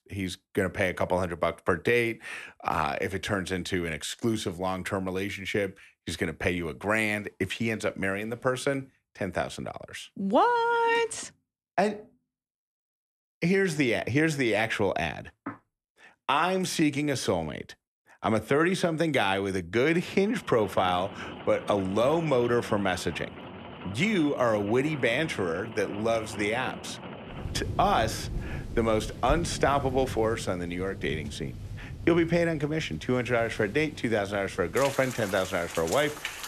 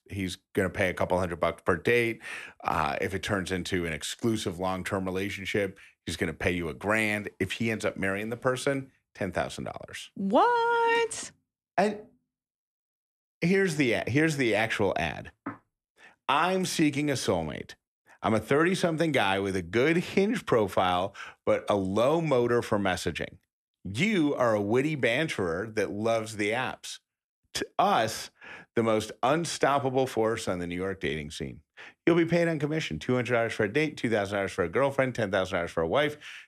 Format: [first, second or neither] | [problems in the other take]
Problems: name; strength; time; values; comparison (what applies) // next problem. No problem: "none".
second | rain or running water; noticeable; from 20 s on; 10 dB below the speech